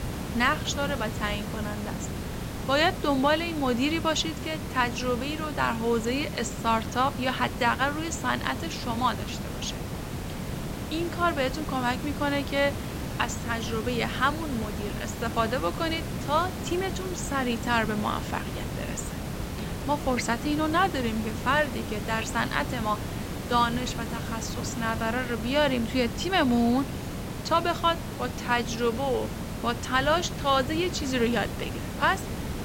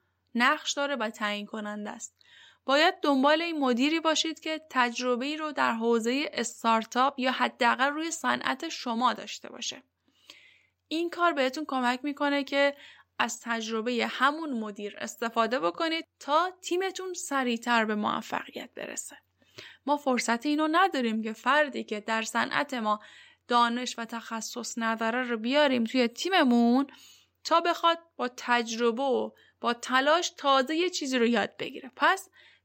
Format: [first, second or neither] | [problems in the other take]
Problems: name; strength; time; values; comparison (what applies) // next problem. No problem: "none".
second | hiss; loud; throughout; 7 dB below the speech